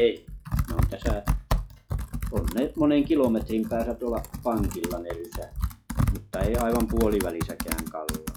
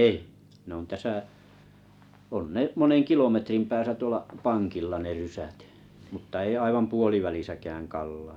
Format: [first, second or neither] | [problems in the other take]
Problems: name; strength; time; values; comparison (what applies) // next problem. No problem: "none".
second | noise reduction (classical method log-MMSE)